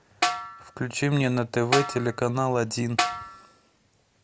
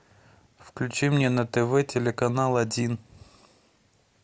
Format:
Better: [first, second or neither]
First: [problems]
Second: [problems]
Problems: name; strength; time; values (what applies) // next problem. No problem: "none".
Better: second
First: background sound (Snare drum); 3 dB below the speech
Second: none